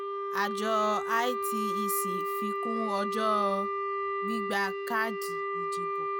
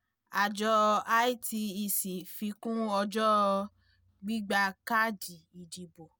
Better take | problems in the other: second | background sound (Wind instrument, woodwind instrument); 1 dB above the speech

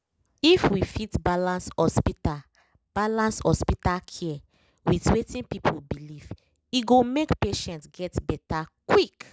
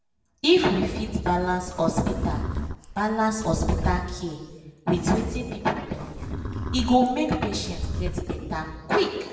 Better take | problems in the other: first | background sound (Livestock, farm animals, working animals); 7 dB below the speech // room echo; dies away in 1.1 s

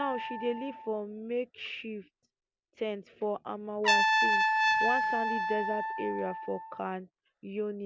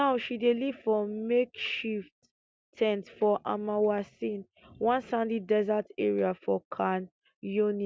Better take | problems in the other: second | background sound (Trumpet); 4 dB above the speech

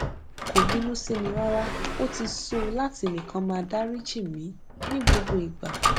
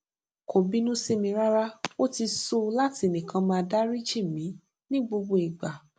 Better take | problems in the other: second | background sound (Sliding door); 1 dB above the speech

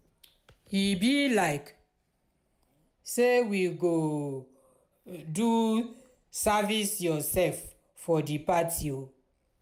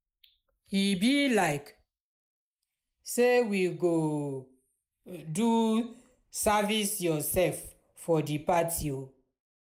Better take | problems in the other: first | noise reduction (neural mask model Resemble Enhance denoiser)

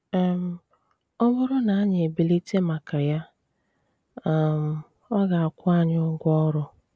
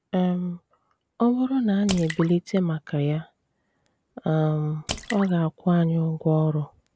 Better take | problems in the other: first | background sound (Drip / Splash, splatter); 15 dB below the speech

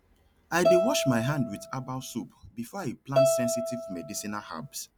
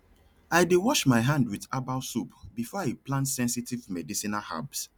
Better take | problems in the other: second | background sound (Bowed string instrument); 3 dB above the speech

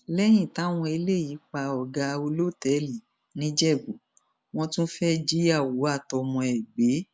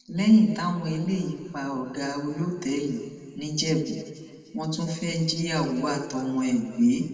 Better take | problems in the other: first | room echo; dies away in 1.9 s

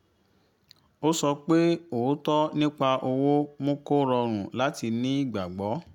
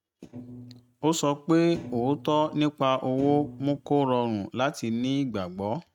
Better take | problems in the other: first | noise reduction (neural mask model RNNoise)

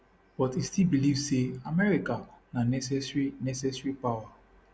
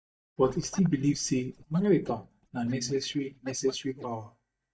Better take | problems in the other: first | noise reduction (neural mask model DeepFilterNet 3)

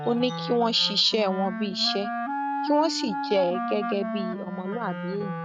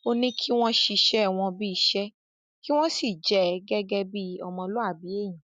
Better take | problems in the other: second | noise reduction (neural mask model RNNoise)

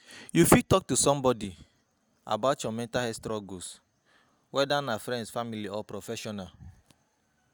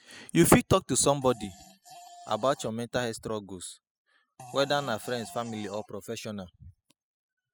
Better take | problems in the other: first | noise reduction (classical method spectral subtraction)

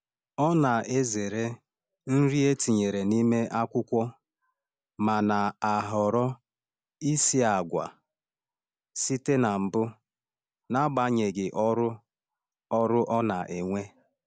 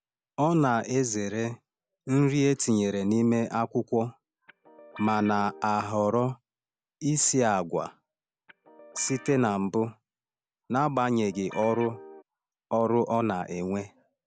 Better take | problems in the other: first | background sound (Guitar); 18 dB below the speech

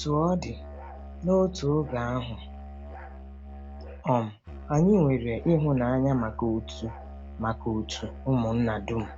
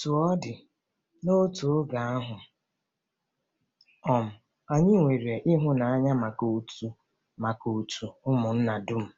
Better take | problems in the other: second | background sound (Musical instrument); 13 dB below the speech

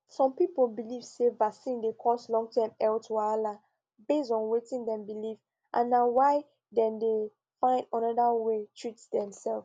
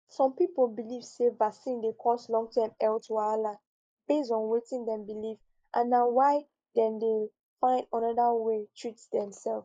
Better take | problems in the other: first | noise reduction (neural mask model Resemble Enhance denoiser)

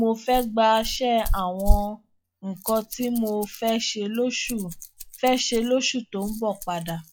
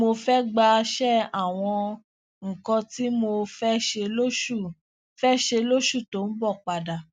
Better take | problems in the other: second | noise reduction (classical method log-MMSE)

